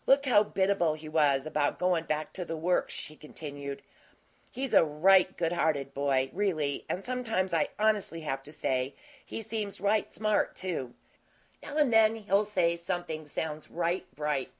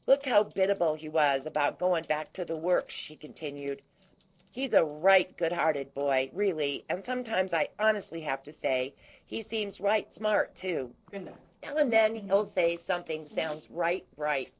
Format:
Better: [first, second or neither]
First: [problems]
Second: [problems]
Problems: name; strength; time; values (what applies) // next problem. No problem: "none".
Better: first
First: none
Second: noise reduction (neural separator model SepFormer DNS4)